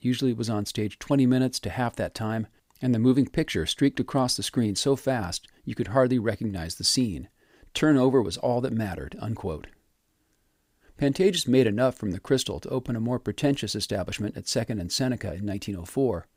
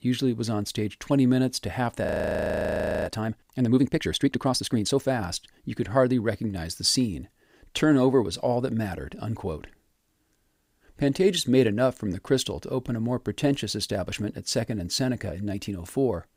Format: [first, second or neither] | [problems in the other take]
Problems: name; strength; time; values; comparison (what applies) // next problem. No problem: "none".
first | audio freezing; at 2 s for 1 s